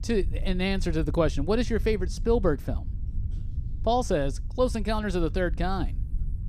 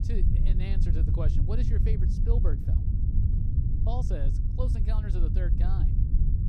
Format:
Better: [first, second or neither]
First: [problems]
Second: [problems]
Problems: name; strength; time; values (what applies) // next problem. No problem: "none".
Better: first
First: low rumble; faint; throughout; 25 dB below the speech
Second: low rumble; loud; throughout; 1 dB below the speech